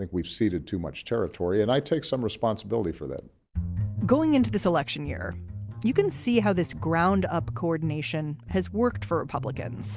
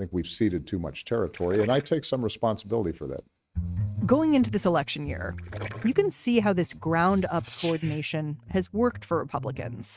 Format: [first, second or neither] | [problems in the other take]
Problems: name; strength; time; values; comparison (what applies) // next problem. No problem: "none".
first | noise reduction (neural mask model RNNoise)